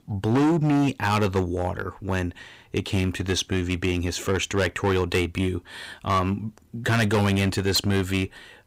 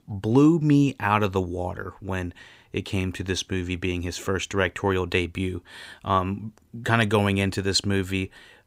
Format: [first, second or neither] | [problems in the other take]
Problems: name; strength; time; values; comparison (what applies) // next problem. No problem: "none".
second | distortion; heavy; 10% of the sound clipped